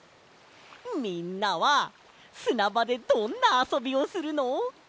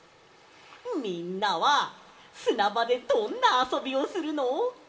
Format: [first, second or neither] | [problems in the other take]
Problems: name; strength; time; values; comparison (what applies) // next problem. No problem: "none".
first | room echo; dies away in 1.7 s